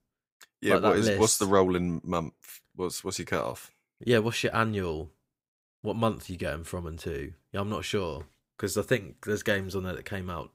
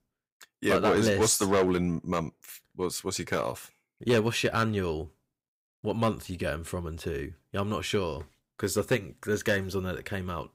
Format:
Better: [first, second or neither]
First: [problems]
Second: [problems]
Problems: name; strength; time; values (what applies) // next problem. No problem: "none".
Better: first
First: none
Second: distortion; slight; 2% of the sound clipped